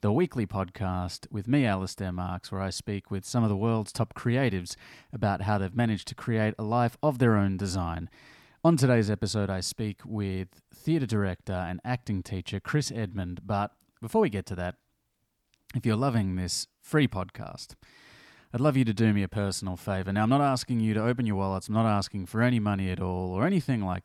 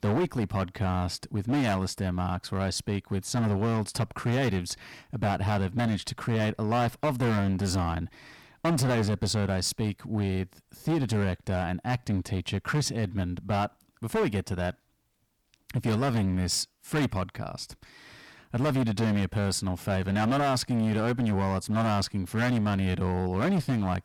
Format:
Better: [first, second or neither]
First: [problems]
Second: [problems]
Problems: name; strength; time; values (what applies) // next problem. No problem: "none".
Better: first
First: none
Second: distortion; heavy; 14% of the sound clipped